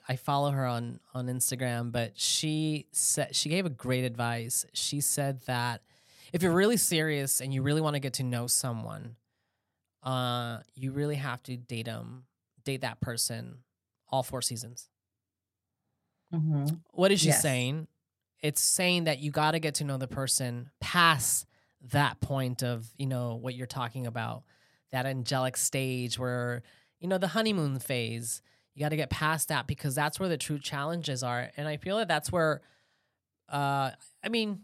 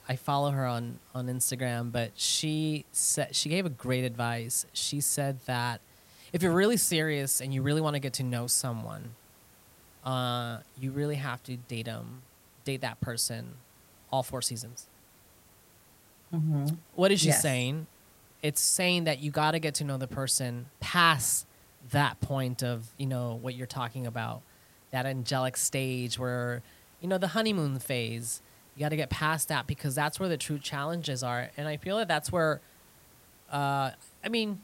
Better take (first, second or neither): first